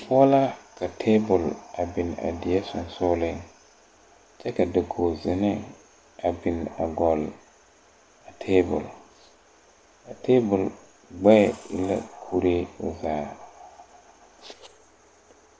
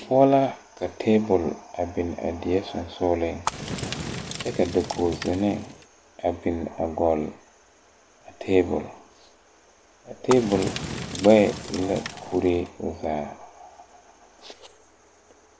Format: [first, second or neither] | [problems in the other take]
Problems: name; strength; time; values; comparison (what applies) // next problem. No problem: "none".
first | background sound (Fire); 8 dB below the speech